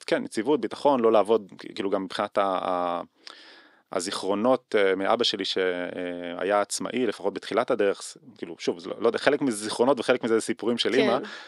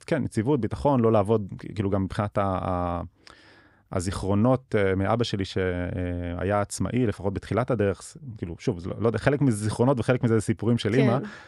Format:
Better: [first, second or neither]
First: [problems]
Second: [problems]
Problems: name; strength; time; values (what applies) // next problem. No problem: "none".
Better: second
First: thin; somewhat; fading below 300 Hz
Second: none